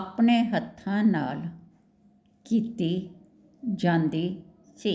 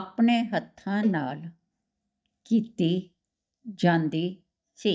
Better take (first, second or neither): first